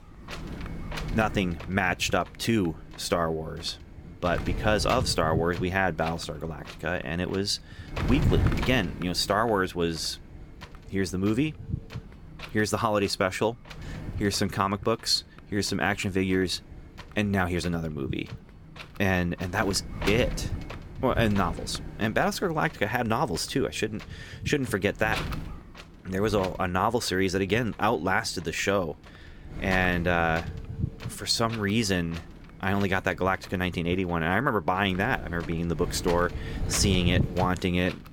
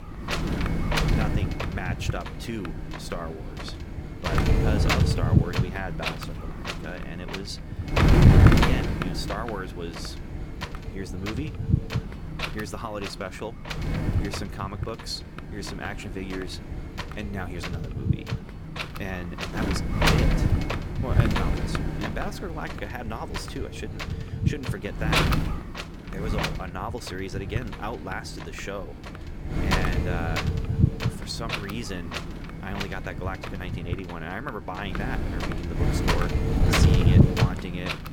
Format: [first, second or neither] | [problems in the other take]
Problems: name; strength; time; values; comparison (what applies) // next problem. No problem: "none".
first | wind noise on the microphone; heavy; 5 dB above the speech; occasional gusts in the first